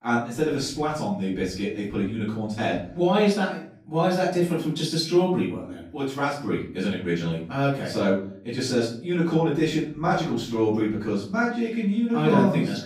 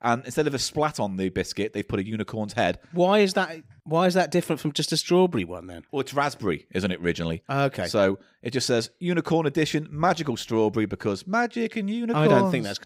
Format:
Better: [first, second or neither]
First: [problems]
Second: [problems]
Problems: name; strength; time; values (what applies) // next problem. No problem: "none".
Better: second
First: room echo; noticeable; dies away in 0.5 s // off-mic speech; far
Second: none